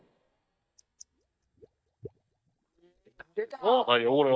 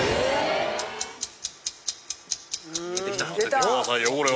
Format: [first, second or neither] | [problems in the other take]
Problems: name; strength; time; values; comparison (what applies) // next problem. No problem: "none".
second | noise reduction (neural mask model DeepFilterNet 3)